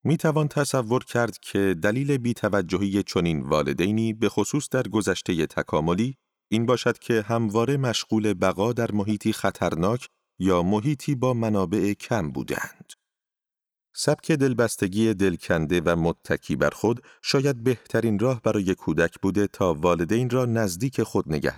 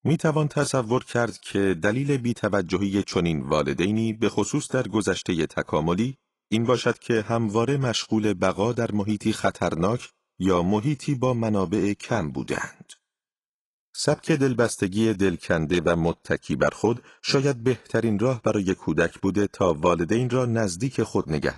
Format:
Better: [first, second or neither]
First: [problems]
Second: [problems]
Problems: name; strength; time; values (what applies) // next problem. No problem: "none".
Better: first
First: none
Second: garbled, watery; slightly; nothing above 10.5 kHz